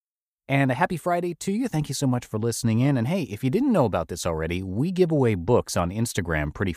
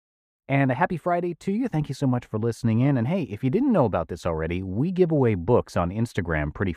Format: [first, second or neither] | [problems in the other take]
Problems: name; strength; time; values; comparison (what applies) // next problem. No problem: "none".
first | muffled; slightly; fading above 3.5 kHz